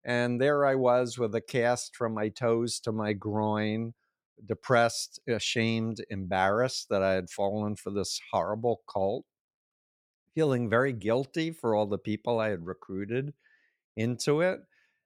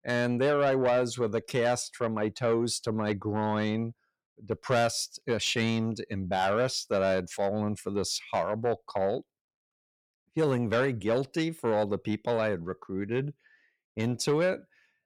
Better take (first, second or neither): first